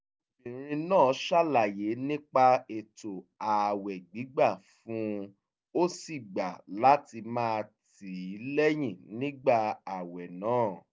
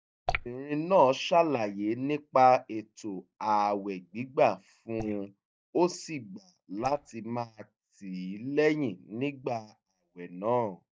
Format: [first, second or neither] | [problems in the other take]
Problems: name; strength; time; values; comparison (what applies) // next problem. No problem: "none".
first | noise reduction (neural mask model DeepFilterNet 3)